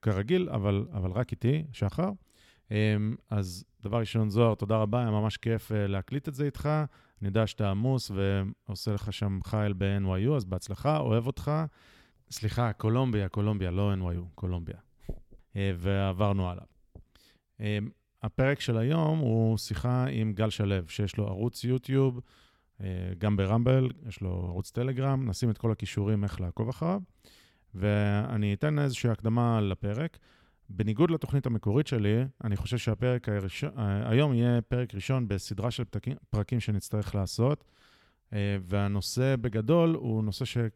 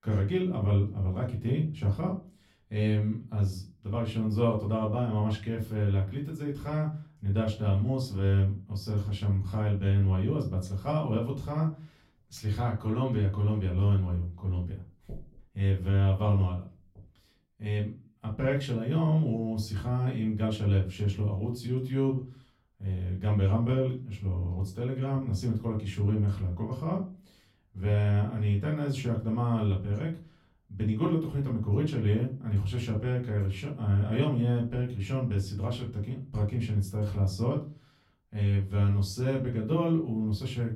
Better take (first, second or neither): first